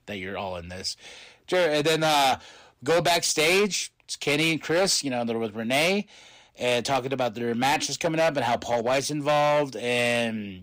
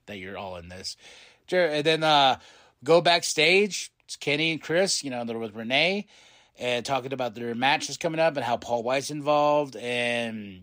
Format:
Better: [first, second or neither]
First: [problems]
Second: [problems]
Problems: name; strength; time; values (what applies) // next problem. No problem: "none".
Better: second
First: distortion; heavy; 11% of the sound clipped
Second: none